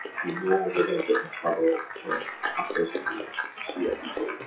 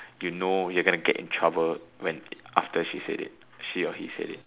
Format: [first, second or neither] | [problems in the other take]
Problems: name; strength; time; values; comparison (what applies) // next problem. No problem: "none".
second | noise reduction (classical method WPE with log-MMSE)